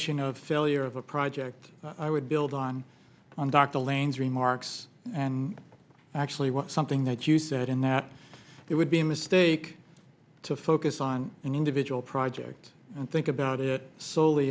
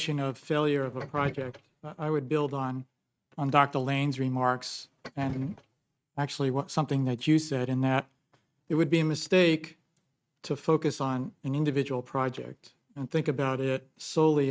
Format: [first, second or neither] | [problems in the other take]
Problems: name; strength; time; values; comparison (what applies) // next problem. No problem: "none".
first | noise reduction (neural mask model RNNoise)